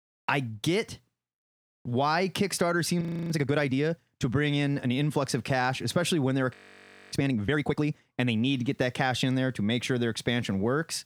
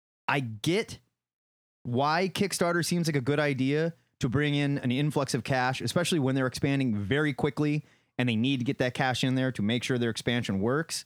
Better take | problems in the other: second | audio freezing; at 3 s and at 6.5 s for 0.5 s

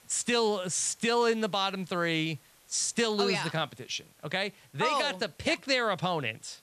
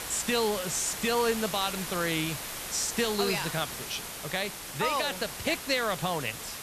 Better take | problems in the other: first | hiss; loud; throughout; 6 dB below the speech; faint in the first

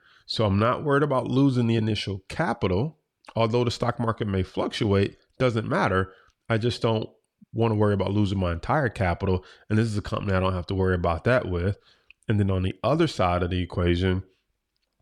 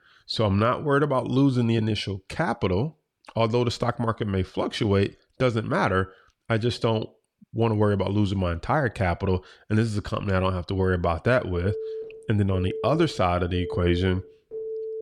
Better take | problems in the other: first | phone ringing; noticeable; from 12 s on; peak 8 dB below the speech

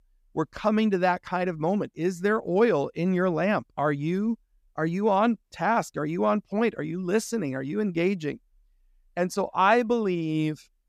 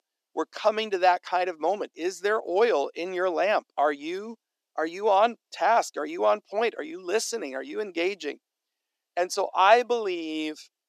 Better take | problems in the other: first | thin; very; fading below 300 Hz

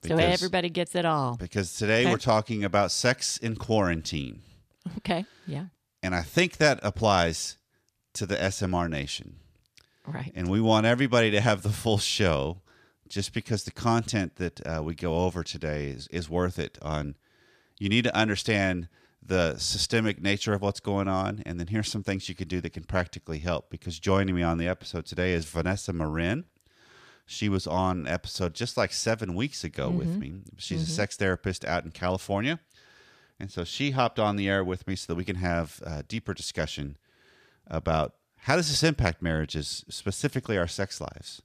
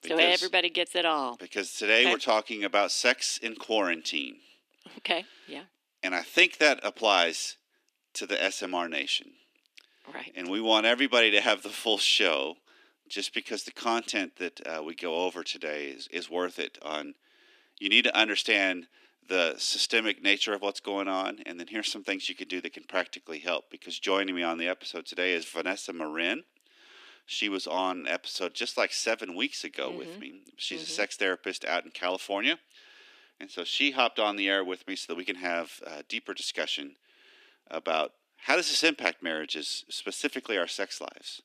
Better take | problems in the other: first | thin; somewhat; fading below 250 Hz

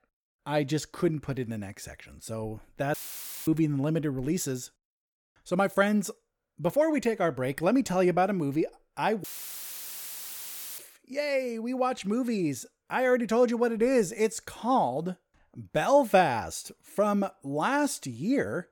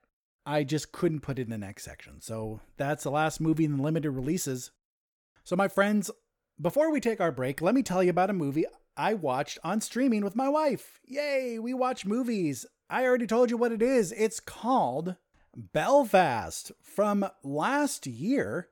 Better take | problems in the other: second | audio cutting out; filled with static; at 3 s for 0.5 s and at 9 s for 1.5 s

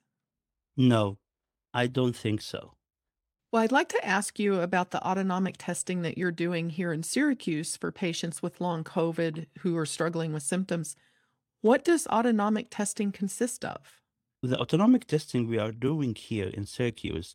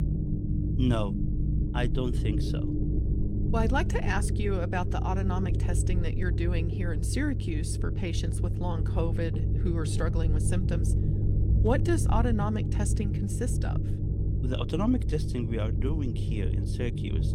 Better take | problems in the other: first | low rumble; loud; throughout; 6 dB below the speech

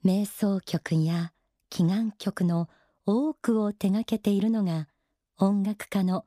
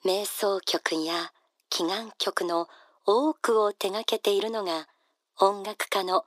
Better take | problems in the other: first | thin; very; fading below 350 Hz

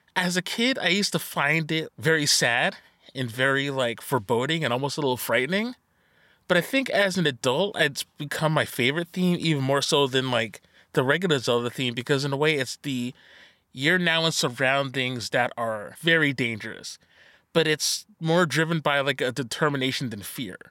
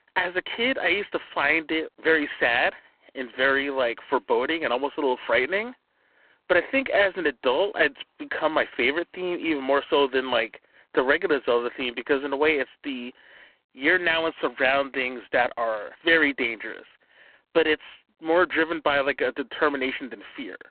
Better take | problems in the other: first | phone-call audio; poor line

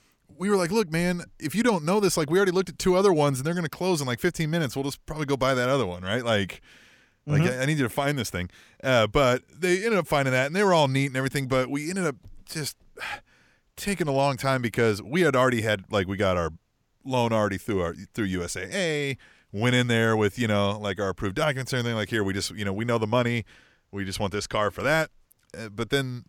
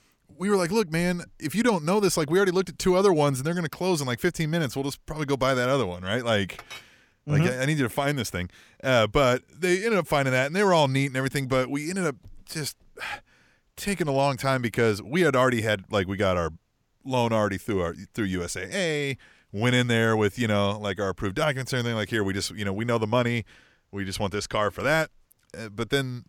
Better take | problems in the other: first | clattering dishes; faint; at 6.5 s; peak 15 dB below the speech

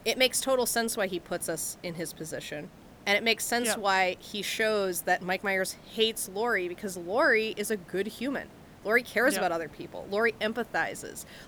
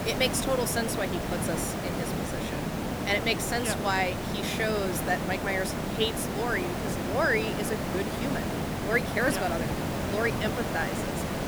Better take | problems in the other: first | hiss; loud; throughout; 1 dB below the speech; faint in the first

